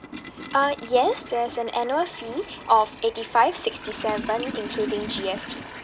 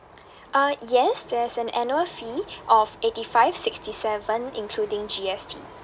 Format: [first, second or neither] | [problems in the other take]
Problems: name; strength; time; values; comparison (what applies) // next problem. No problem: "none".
second | background sound (Toilet flush); 12 dB below the speech